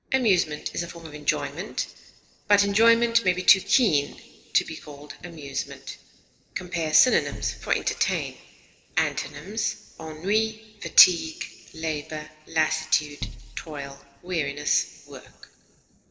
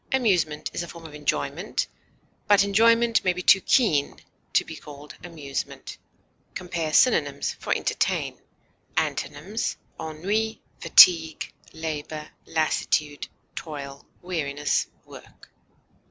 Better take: second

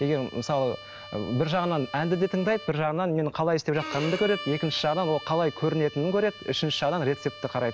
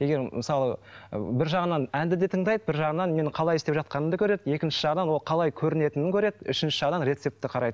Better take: second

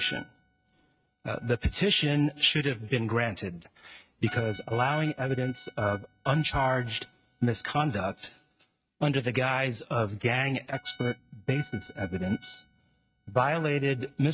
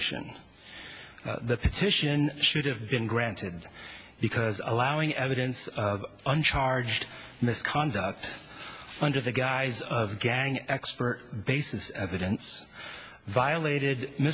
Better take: second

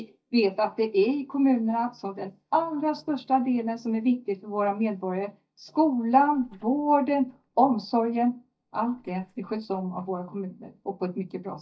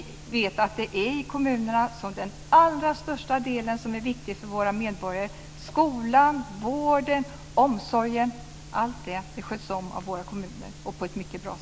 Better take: second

